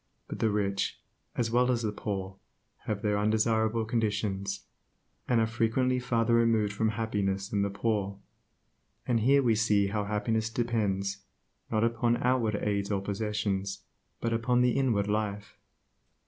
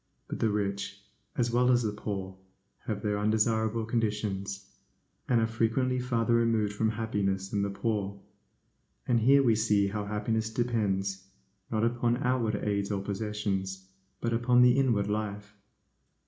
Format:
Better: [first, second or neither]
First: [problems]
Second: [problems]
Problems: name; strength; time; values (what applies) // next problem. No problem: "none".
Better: first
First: none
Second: room echo; dies away in 0.4 s